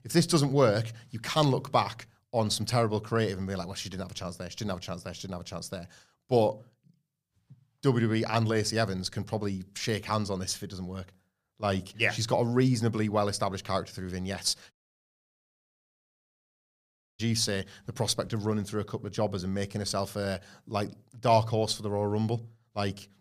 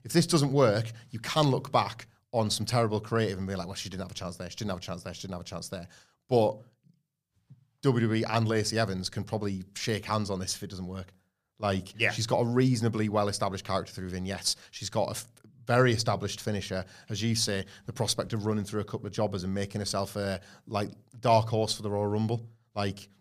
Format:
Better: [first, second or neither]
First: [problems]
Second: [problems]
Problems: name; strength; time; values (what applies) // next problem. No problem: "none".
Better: second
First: audio cutting out; at 15 s for 2.5 s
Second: none